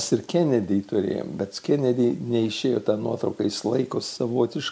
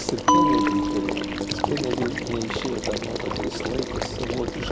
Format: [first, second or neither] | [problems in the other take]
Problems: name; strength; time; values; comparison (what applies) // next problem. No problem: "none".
first | background sound (Bell + Water / Liquid); 5 dB above the speech